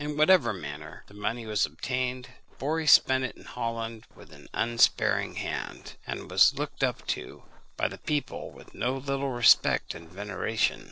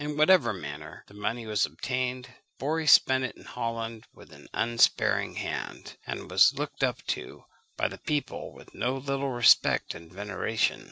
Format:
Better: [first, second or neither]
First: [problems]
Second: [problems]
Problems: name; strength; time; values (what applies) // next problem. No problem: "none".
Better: second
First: background sound (Walk, footsteps); 17 dB below the speech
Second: none